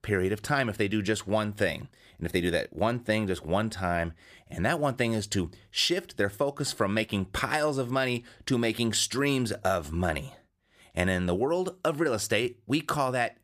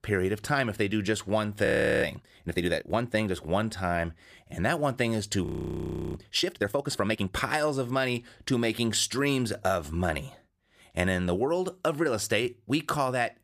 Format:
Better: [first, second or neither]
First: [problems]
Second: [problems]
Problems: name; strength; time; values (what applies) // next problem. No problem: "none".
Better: first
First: none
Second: audio freezing; at 1.5 s and at 5.5 s for 0.5 s